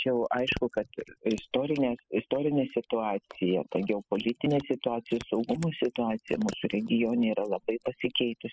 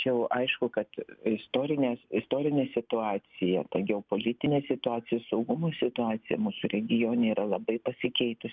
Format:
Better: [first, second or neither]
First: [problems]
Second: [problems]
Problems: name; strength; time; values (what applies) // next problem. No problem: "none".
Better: second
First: noise reduction (classical method spectral subtraction)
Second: none